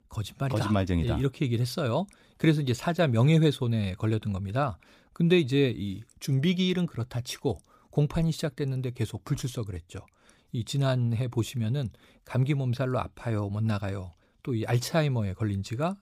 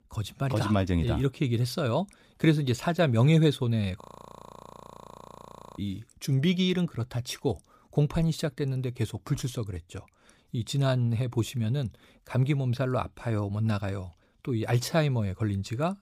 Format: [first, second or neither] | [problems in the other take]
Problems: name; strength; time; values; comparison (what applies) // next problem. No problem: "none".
first | audio freezing; at 4 s for 2 s